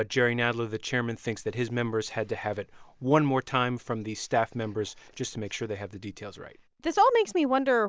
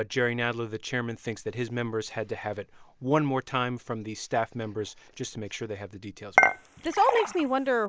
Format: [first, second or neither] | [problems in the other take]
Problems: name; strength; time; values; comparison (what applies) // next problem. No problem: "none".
first | background sound (Dishes, pots, and pans / Chink, clink); 3 dB above the speech